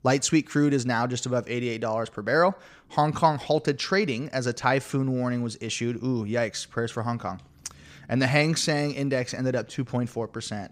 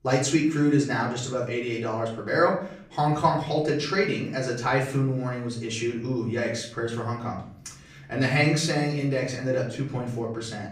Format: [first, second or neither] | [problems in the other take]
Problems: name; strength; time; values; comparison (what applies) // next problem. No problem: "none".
first | off-mic speech; far // room echo; slight; dies away in 0.5 s